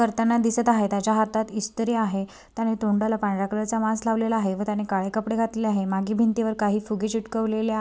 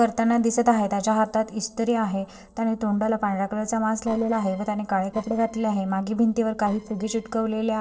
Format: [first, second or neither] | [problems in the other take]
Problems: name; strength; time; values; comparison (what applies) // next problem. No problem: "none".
first | noise reduction (neural separator model SepFormer DNS4)